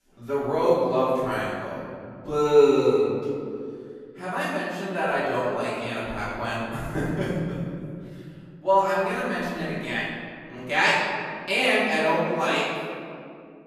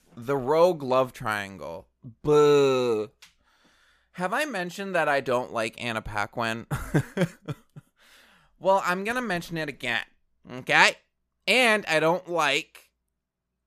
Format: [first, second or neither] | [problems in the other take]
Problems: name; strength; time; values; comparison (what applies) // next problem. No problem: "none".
second | off-mic speech; far // room echo; strong; dies away in 2.6 s